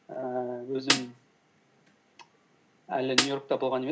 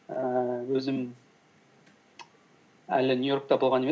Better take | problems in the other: second | background sound (Snare drum); 4 dB above the speech

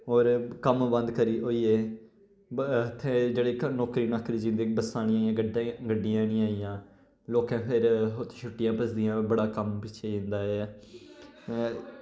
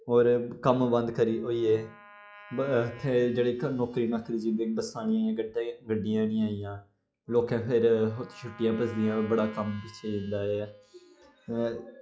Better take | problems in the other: first | noise reduction (classical method log-MMSE)

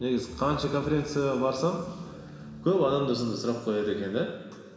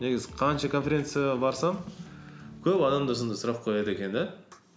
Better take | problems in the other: second | room echo; dies away in 2.8 s

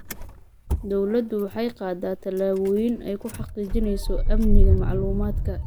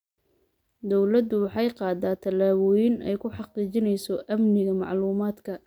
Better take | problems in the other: second | background sound (Engine starting / Motor vehicle (road)); 3 dB above the speech

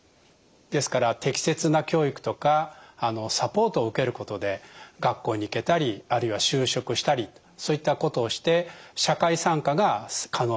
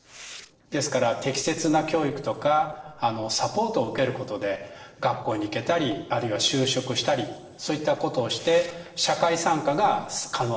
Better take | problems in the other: first | noise reduction (neural separator model SepFormer DNS4)

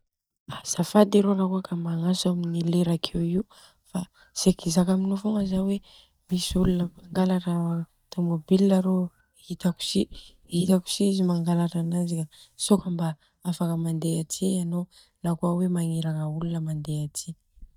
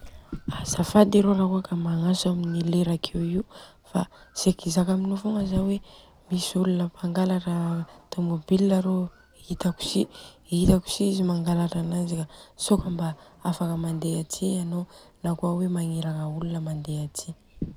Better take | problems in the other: second | noise reduction (neural mask model DeepFilterNet 3)

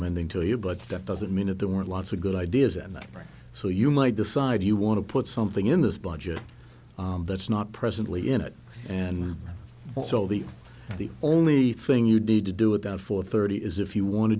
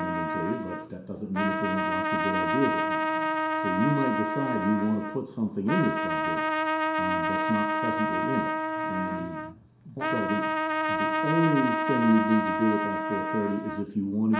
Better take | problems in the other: first | background sound (Trumpet); 1 dB above the speech // room echo; dies away in 0.7 s

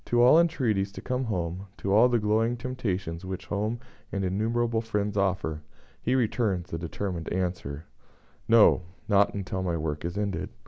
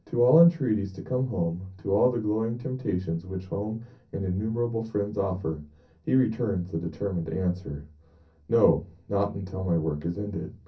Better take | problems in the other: first | room echo; dies away in 0.3 s

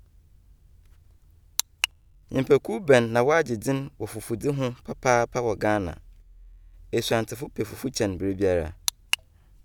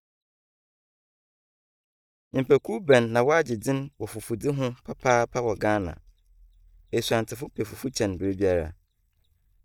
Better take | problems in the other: first | noise reduction (neural mask model DeepFilterNet 3)

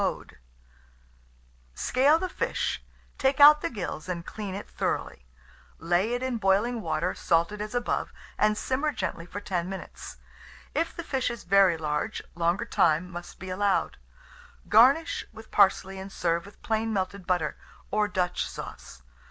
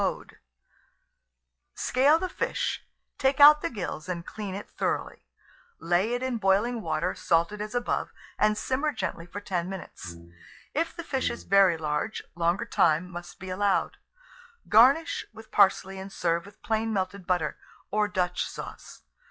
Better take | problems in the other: first | noise reduction (classical method log-MMSE)

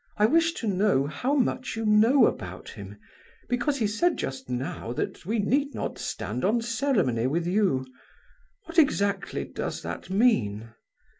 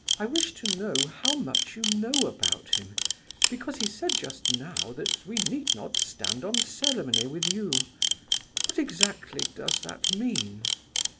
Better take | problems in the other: first | background sound (Camera); 4 dB above the speech

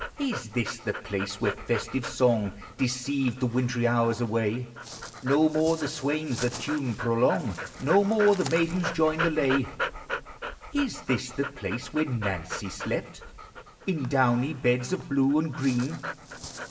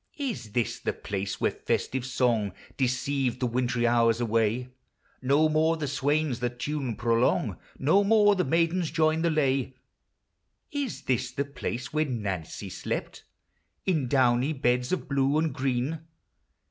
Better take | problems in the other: second | background sound (Dog); 11 dB below the speech // room echo; dies away in 2.7 s

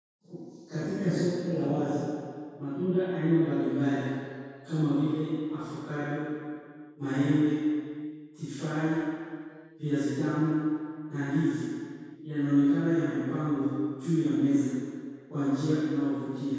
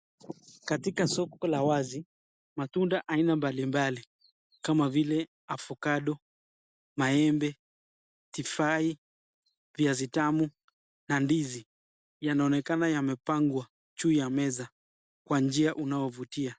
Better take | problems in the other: second | room echo; dies away in 2 s

